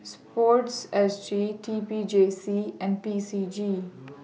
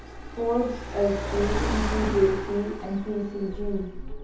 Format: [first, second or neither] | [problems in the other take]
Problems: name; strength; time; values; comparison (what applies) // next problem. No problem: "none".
first | background sound (Car); 4 dB below the speech // room echo; dies away in 0.5 s